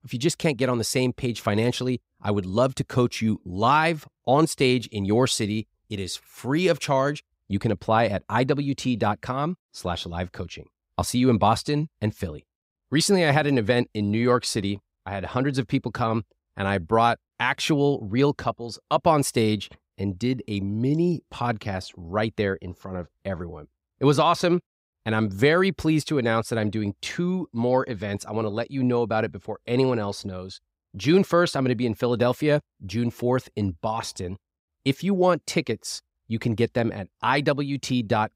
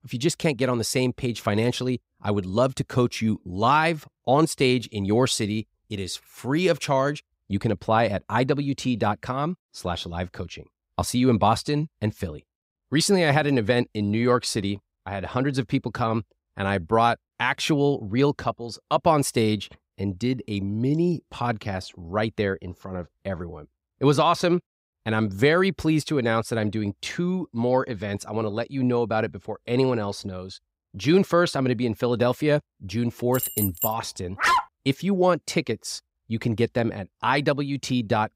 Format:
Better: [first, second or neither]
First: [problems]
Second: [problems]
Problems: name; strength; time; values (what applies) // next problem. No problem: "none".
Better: first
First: none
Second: jangling keys; noticeable; at 33 s; peak 1 dB below the speech // dog barking; loud; at 34 s; peak 3 dB above the speech